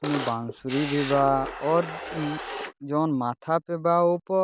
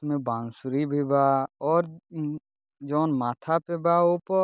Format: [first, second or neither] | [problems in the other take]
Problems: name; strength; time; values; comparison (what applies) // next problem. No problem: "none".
second | background sound (Camera); 9 dB below the speech